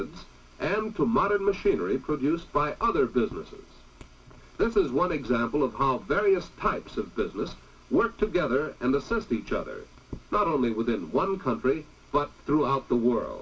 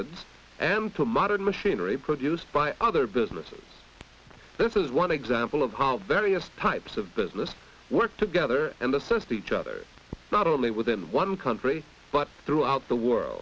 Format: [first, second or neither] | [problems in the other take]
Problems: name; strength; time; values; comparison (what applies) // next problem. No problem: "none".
second | room echo; dies away in 0.2 s